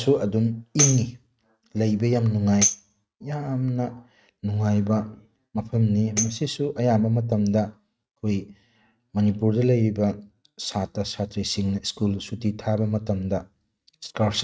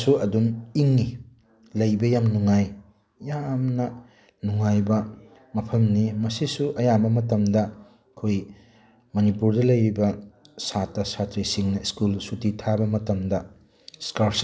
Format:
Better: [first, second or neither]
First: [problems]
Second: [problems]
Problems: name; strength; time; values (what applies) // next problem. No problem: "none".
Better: second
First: noise reduction (neural mask model RNNoise)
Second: none